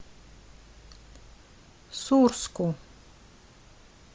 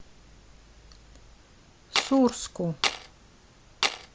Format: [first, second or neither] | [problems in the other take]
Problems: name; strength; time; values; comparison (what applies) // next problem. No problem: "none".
first | background sound (Tools); 2 dB above the speech